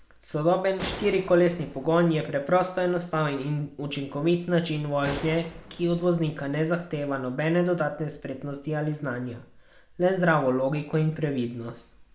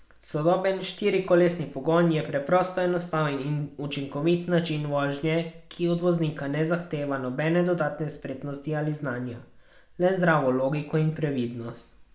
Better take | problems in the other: second | background sound (Gunshot, gunfire); 16 dB below the speech

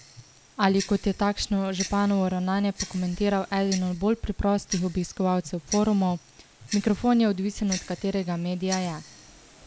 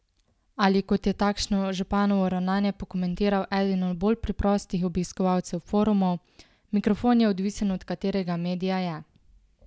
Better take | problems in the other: second | background sound (Tick-tock); 15 dB below the speech

